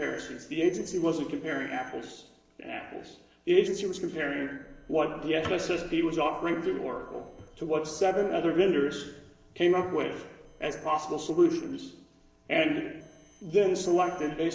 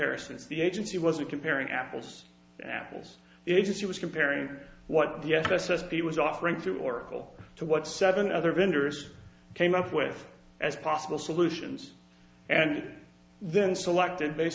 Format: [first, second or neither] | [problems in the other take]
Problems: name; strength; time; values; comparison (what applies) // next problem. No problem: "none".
second | noise reduction (neural separator model SepFormer DNS4)